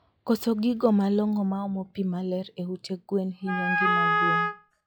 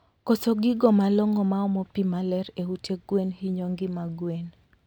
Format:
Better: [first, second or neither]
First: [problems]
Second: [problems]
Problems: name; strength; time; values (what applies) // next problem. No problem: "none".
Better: second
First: noise reduction (classical method log-MMSE)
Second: none